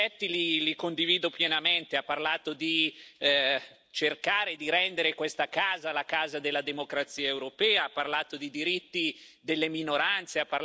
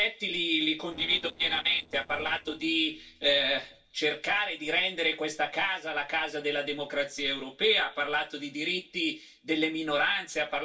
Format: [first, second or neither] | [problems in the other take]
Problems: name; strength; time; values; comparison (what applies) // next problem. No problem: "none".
first | noise reduction (neural separator model SepFormer DNS4)